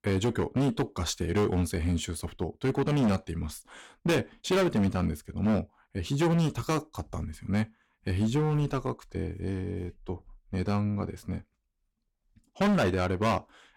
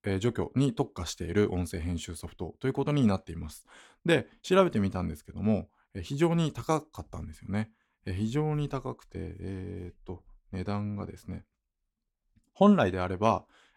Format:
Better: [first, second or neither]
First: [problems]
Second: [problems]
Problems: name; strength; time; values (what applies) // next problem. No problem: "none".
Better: second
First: distortion; heavy; 9% of the sound clipped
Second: none